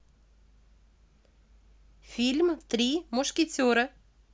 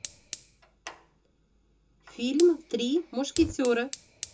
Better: first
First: none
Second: background sound (Fire); 15 dB below the speech // room echo; dies away in 0.2 s

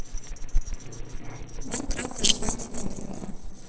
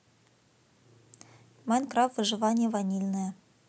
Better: second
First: noise reduction (neural separator model SepFormer DNS4)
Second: none

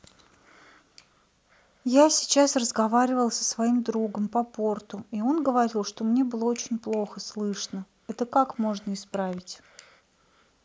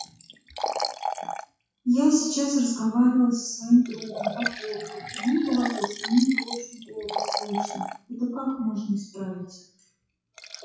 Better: first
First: none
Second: noise reduction (classical method WPE with log-MMSE)

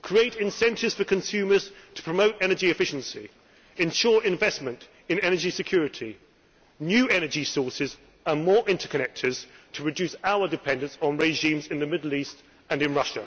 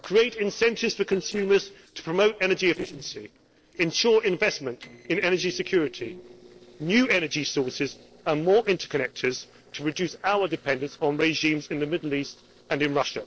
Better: first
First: none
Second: noise reduction (neural separator model SepFormer DNS4)

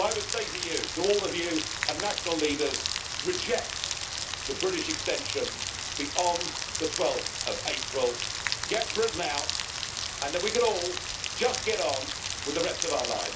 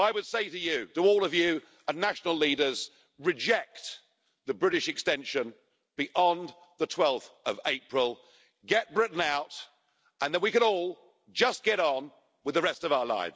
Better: second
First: background sound (Rain); 2 dB below the speech // room echo; dies away in 0.3 s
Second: none

